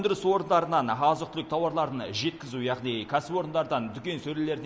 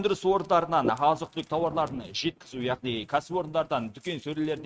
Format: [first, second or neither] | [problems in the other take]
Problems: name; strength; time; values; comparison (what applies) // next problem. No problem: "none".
first | noise reduction (neural mask model RNNoise)